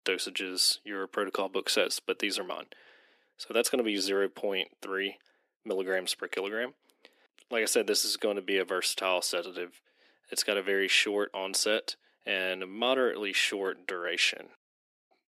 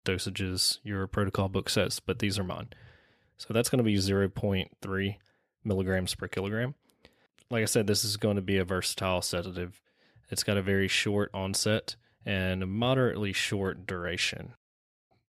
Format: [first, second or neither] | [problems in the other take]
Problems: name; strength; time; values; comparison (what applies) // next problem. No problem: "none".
second | thin; somewhat; fading below 300 Hz